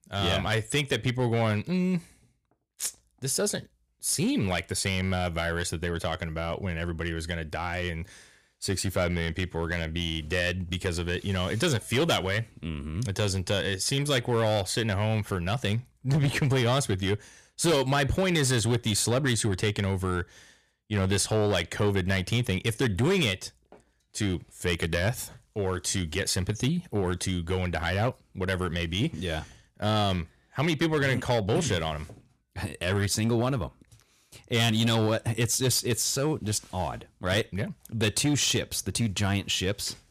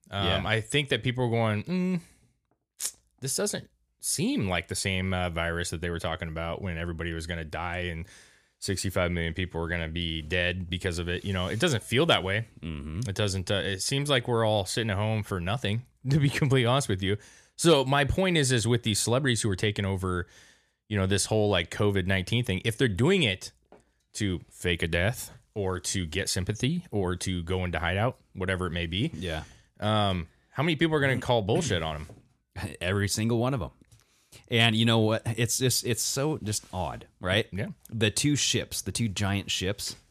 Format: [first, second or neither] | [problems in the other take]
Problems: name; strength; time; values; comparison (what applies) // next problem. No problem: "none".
second | distortion; slight; 5% of the sound clipped